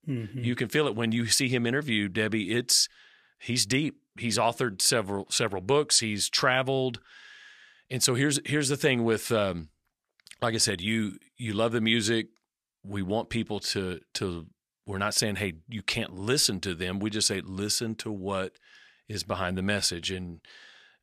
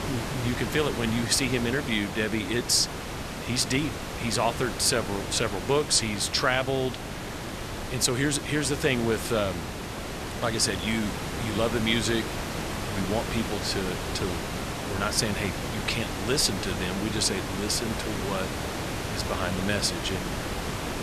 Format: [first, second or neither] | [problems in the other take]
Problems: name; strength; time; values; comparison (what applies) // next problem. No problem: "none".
first | hiss; loud; throughout; 5 dB below the speech